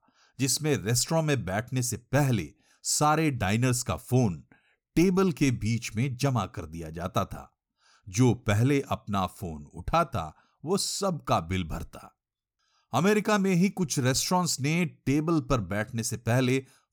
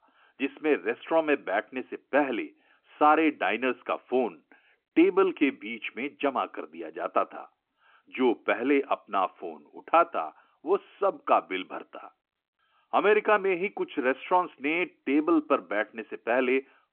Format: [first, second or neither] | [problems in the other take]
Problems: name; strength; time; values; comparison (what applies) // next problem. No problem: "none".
first | phone-call audio